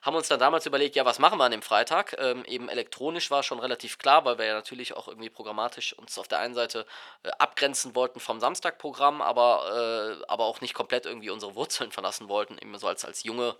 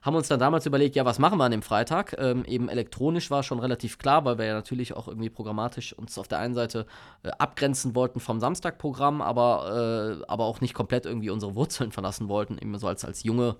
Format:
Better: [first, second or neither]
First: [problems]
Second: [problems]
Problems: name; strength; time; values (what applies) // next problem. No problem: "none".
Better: second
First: thin; very; fading below 550 Hz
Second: none